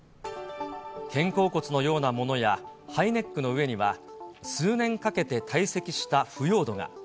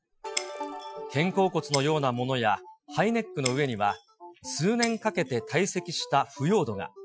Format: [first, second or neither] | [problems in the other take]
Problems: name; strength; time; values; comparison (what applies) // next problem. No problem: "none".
first | noise reduction (classical method Wiener filter)